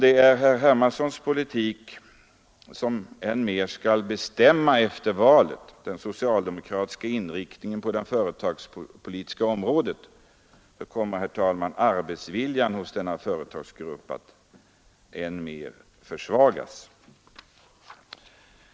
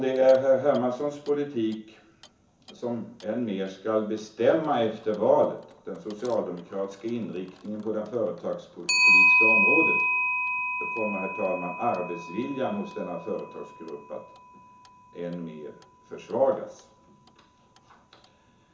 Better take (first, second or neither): first